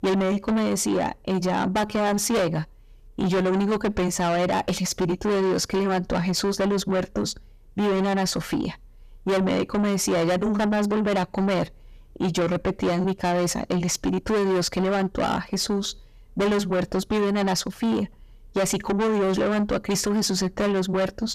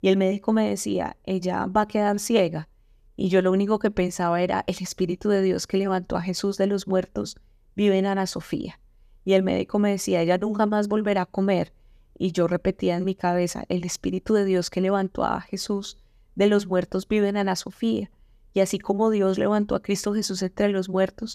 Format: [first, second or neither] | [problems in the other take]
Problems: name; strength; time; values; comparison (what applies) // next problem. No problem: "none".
second | distortion; heavy; 5 dB below the speech